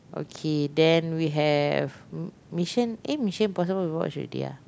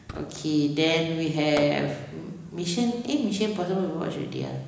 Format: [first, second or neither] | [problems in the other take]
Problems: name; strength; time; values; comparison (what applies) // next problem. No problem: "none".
first | background sound (Fireworks); 18 dB below the speech // room echo; dies away in 1 s